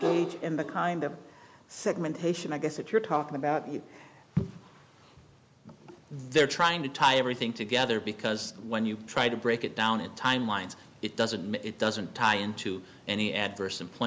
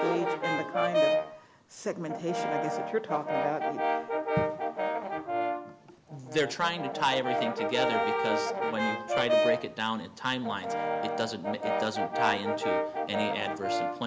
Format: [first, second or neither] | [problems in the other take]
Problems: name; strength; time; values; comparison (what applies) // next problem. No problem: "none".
first | background sound (Brass instrument); 3 dB above the speech